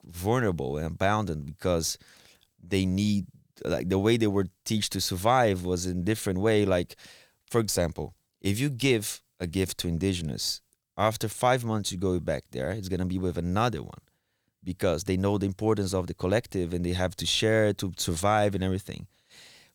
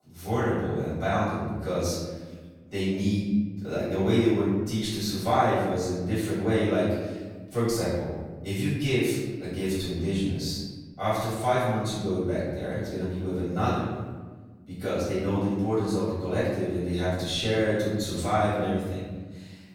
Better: first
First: none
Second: off-mic speech; far // room echo; strong; dies away in 1.4 s

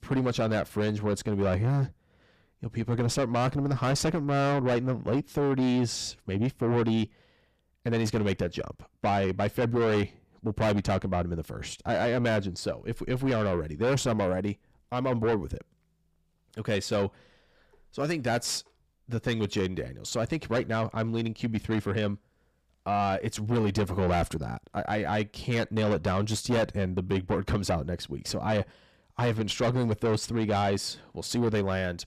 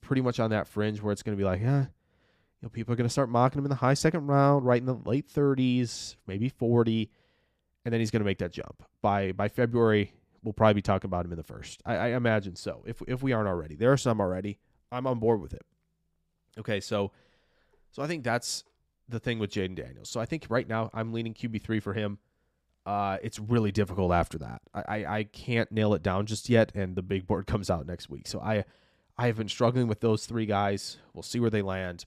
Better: second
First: distortion; heavy; 6 dB below the speech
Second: none

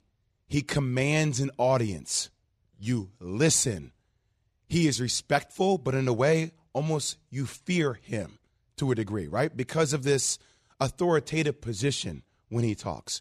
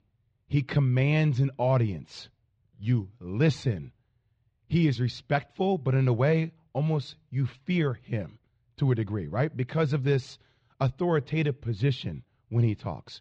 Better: first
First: none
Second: muffled; slightly; fading above 3.5 kHz

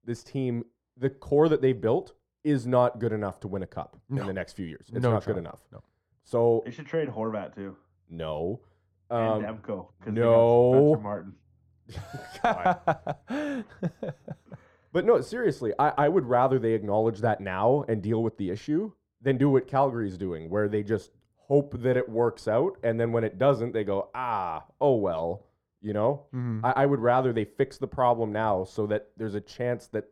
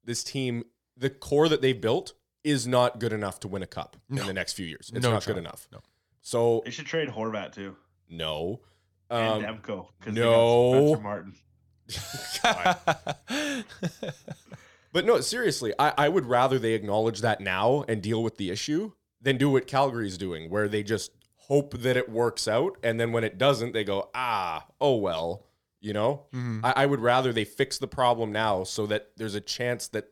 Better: second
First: muffled; very; fading above 2 kHz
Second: none

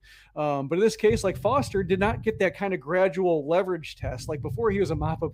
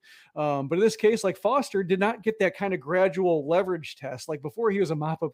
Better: second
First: low rumble; faint; throughout; 25 dB below the speech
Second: none

